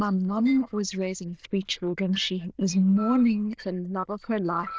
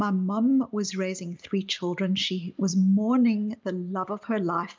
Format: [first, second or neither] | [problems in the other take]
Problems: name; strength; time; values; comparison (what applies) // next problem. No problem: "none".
second | noise reduction (neural diffusion model UNIVERSE++)